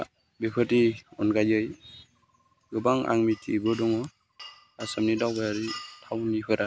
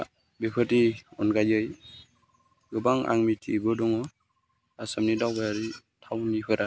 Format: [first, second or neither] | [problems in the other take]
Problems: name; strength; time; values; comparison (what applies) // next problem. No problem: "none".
second | background sound (Glass); 19 dB below the speech